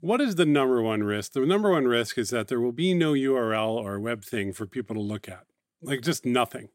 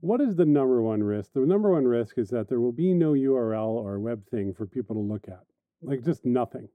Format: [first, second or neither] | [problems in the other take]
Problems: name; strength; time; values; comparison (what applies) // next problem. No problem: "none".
first | muffled; very; fading above 1.5 kHz